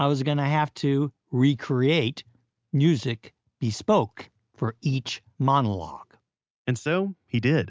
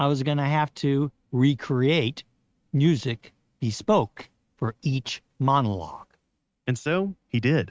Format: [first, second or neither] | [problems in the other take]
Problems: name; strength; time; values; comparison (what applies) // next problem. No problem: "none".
first | noise reduction (neural mask model RNNoise)